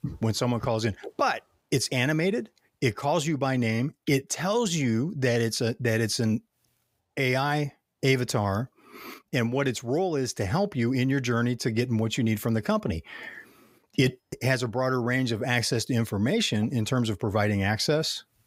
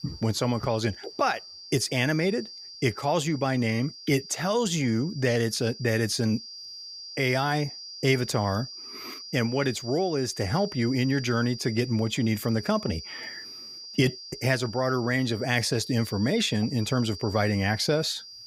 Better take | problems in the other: first | high-pitched whine; noticeable; throughout; 5 kHz, 15 dB below the speech

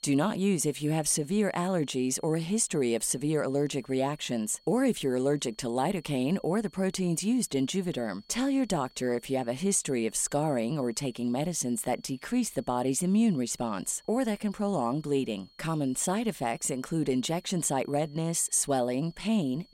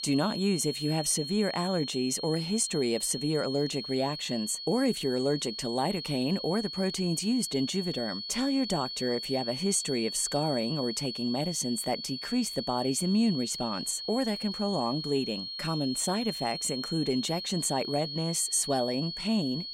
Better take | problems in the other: first | high-pitched whine; loud; throughout; 4.5 kHz, 6 dB below the speech; faint in the first

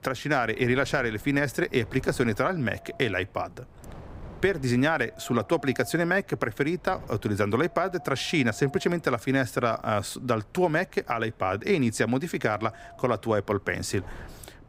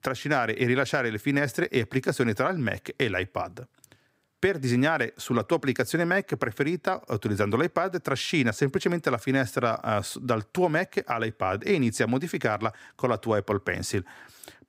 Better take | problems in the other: second | wind noise on the microphone; occasional gusts; 20 dB below the speech

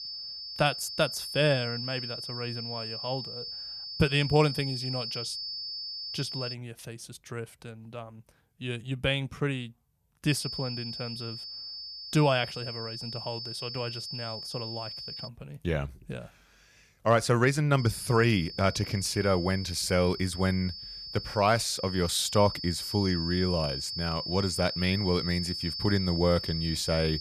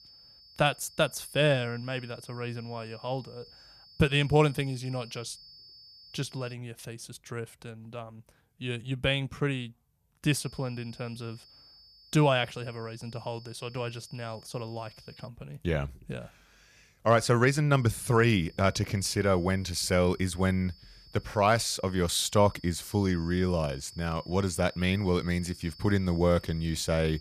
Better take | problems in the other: second | high-pitched whine; loud; until 6.5 s, from 10 to 15 s and from 18 s on; 5 kHz, 6 dB below the speech; faint in the second

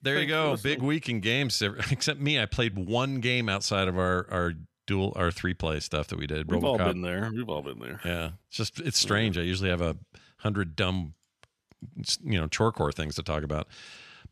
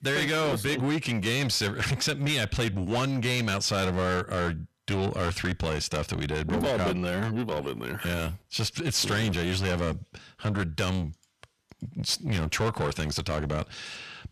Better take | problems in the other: first | distortion; heavy; 7 dB below the speech

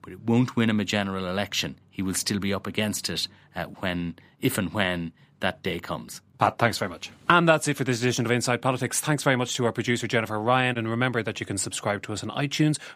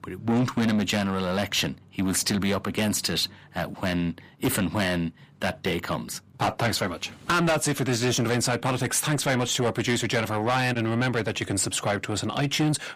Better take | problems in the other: first | distortion; heavy; 6 dB below the speech

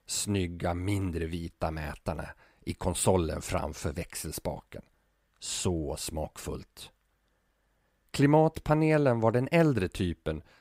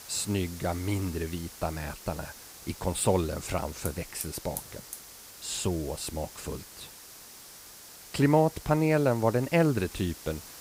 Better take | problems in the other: first | hiss; noticeable; throughout; 15 dB below the speech

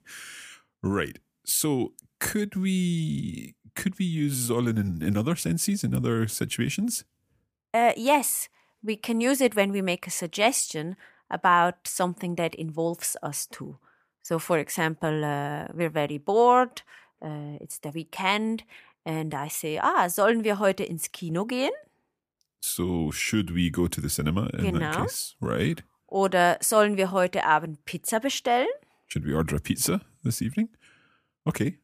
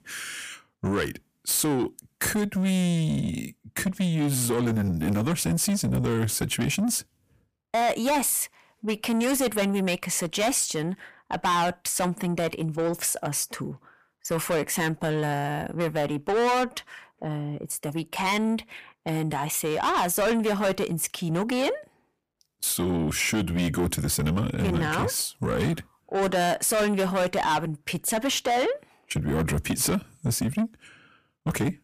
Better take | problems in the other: first | distortion; heavy; 6 dB below the speech

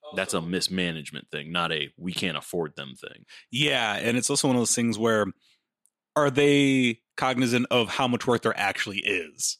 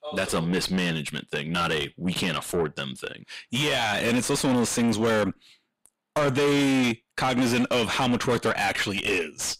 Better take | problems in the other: first | distortion; heavy; 6 dB below the speech

